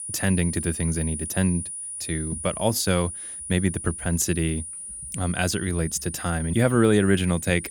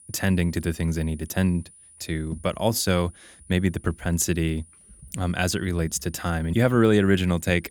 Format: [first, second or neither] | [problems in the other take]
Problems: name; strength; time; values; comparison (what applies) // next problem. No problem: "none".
second | high-pitched whine; loud; throughout; 9.5 kHz, 8 dB below the speech; faint in the second